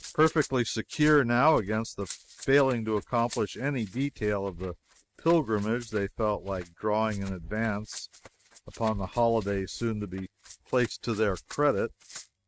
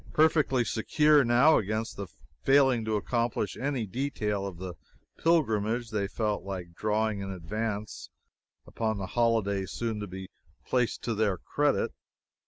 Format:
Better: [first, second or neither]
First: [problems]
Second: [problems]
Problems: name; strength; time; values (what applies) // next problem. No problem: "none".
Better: second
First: noise reduction (neural mask model RNNoise)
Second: none